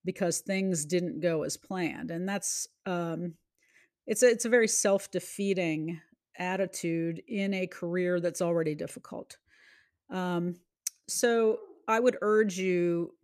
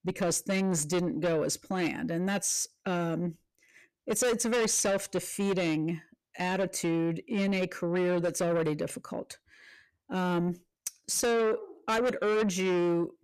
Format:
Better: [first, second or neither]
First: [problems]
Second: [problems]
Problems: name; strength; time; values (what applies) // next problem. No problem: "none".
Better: first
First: none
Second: distortion; heavy; 7 dB below the speech